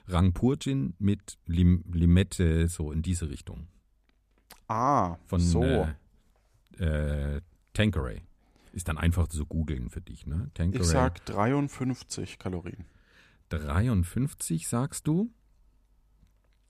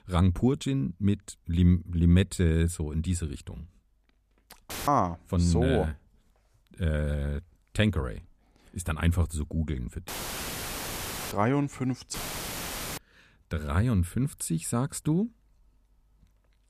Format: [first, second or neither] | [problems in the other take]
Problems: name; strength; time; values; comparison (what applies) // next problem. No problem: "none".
first | audio cutting out; filled with static; at 4.5 s, at 10 s for 1 s and at 12 s for 1 s